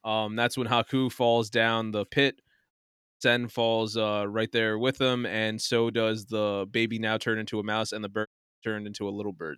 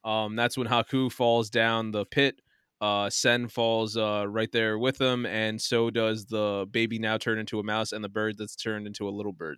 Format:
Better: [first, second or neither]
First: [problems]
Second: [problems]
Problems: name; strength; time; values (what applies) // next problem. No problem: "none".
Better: second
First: audio cutting out; at 2.5 s and at 8.5 s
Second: none